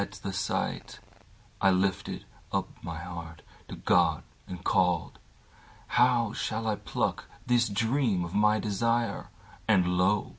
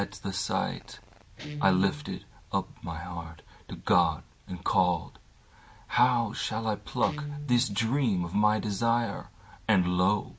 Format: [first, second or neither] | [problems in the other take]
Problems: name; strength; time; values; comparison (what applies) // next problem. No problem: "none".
first | background sound (Guitar); 16 dB below the speech